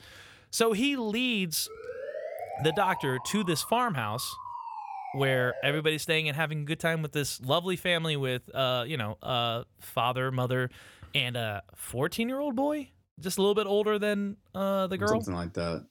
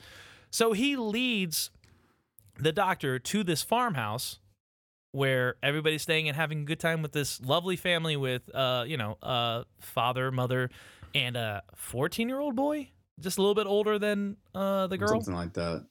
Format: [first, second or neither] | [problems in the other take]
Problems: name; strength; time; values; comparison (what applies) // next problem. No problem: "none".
second | siren; noticeable; from 1.5 to 6 s; peak 8 dB below the speech